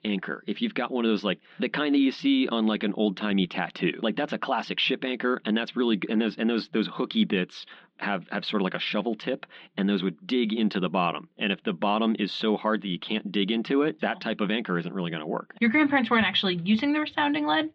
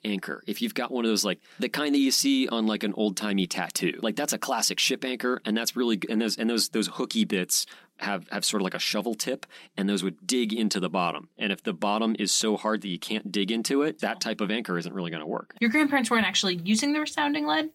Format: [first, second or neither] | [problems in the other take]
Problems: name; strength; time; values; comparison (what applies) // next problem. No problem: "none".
second | muffled; very; fading above 3.5 kHz